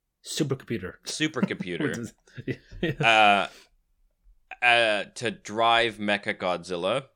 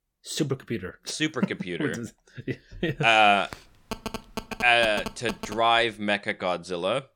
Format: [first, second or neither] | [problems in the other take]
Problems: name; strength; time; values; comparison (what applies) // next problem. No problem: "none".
first | phone ringing; faint; from 3.5 to 5.5 s; peak 10 dB below the speech